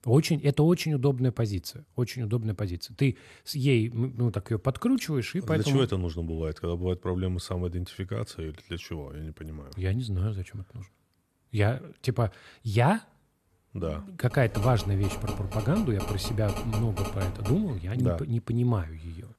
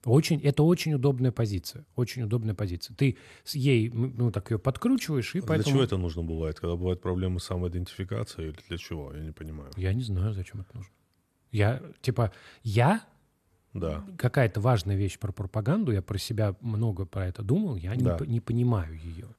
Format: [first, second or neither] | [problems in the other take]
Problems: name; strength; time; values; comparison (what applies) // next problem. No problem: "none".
second | phone ringing; noticeable; from 14 to 18 s; peak 6 dB below the speech